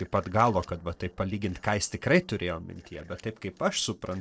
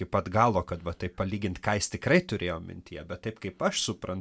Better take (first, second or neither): second